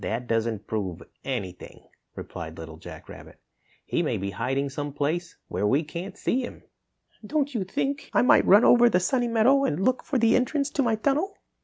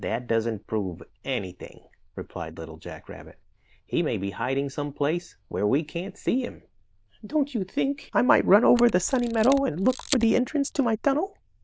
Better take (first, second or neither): first